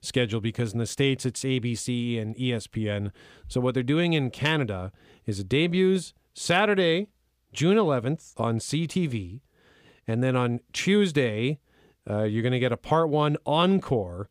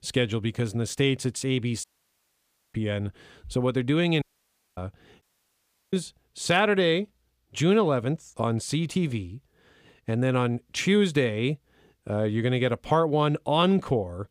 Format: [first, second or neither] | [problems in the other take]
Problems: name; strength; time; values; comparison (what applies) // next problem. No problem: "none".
first | audio cutting out; at 2 s for 1 s, at 4 s for 0.5 s and at 5 s for 0.5 s